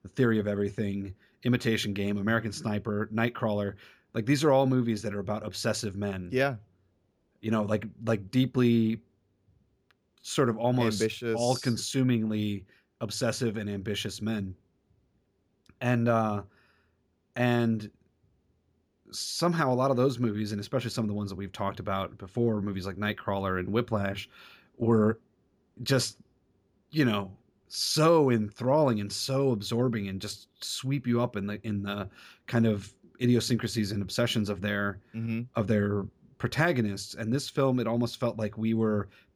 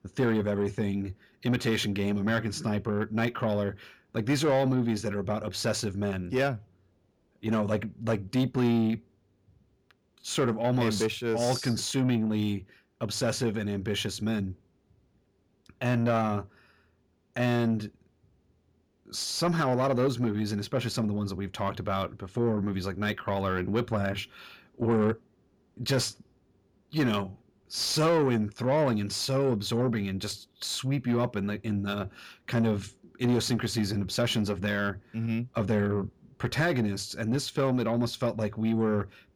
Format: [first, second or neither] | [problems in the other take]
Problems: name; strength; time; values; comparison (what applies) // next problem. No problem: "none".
first | distortion; slight; 10 dB below the speech